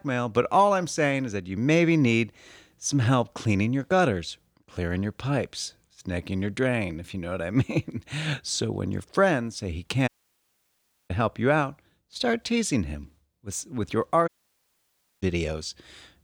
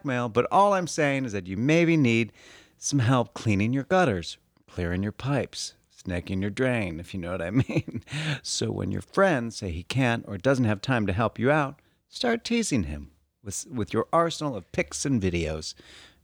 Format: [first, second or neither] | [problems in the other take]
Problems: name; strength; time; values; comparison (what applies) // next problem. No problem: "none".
second | audio cutting out; at 10 s for 1 s and at 14 s for 1 s